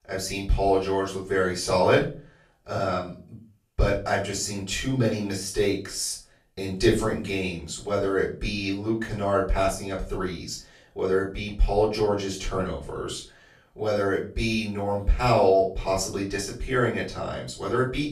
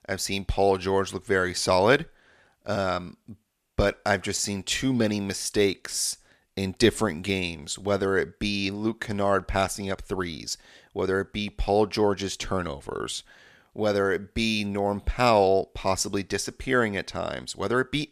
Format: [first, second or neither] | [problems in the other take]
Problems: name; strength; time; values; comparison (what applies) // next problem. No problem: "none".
second | off-mic speech; far // room echo; slight; dies away in 0.3 s